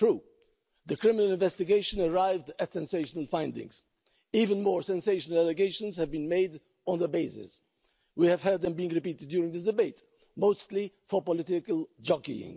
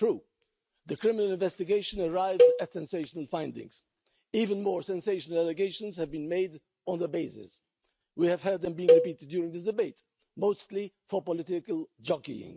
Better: first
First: none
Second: noise reduction (neural mask model RNNoise)

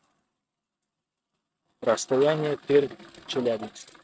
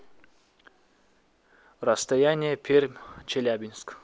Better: second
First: noise reduction (neural mask model RNNoise)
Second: none

